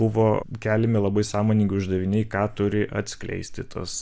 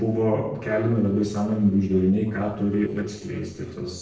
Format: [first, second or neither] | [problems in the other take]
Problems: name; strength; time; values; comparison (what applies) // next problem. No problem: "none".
first | noise reduction (neural separator model SepFormer DNS4)